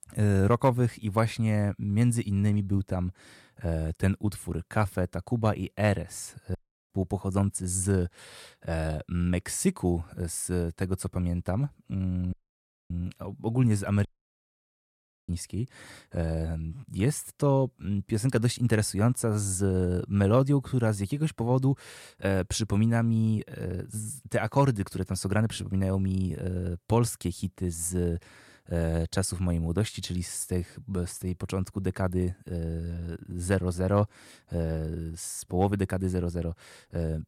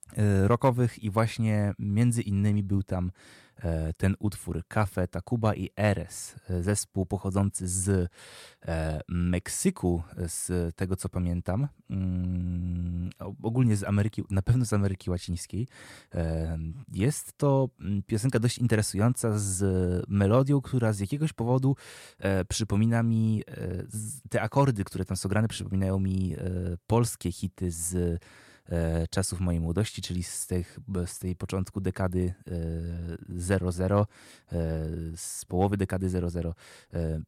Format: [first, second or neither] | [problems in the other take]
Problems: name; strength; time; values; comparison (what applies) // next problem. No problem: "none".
second | audio cutting out; at 6.5 s, at 12 s for 0.5 s and at 14 s for 1 s